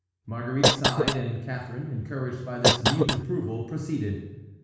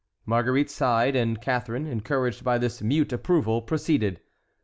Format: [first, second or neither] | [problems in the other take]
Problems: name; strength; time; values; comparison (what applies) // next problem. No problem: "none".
second | background sound (Cough); 3 dB above the speech // room echo; dies away in 1.1 s